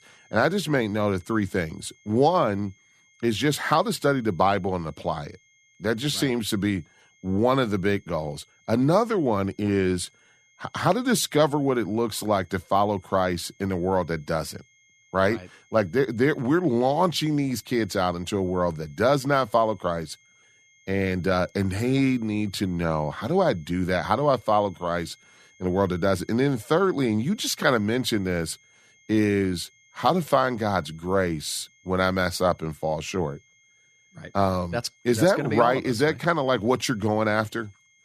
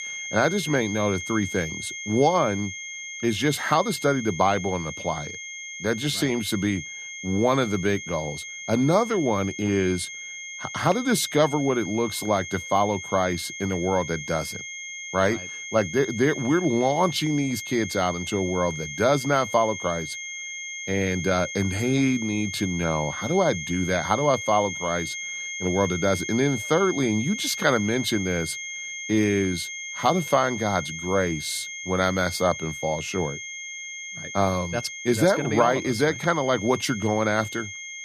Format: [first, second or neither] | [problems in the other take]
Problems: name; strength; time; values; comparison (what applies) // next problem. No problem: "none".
first | high-pitched whine; loud; throughout; 2 kHz, 8 dB below the speech; faint in the first